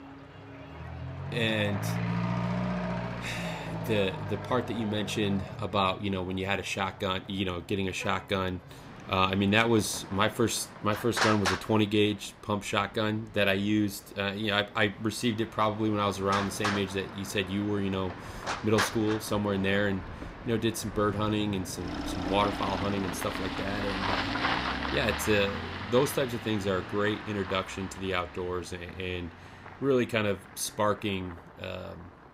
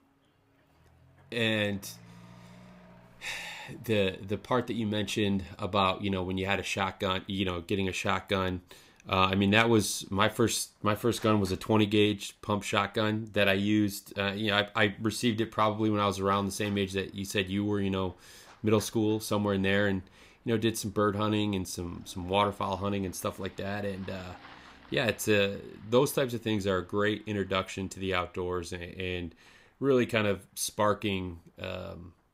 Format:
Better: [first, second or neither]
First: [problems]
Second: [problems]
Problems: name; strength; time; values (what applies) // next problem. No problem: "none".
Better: second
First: traffic noise; loud; throughout; 6 dB below the speech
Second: traffic noise; faint; throughout; 30 dB below the speech